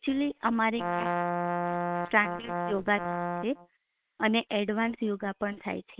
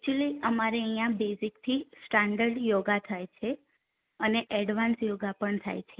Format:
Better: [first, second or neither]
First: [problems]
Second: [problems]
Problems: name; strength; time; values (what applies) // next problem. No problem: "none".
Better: second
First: noise reduction (neural separator model SepFormer WHAM!)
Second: none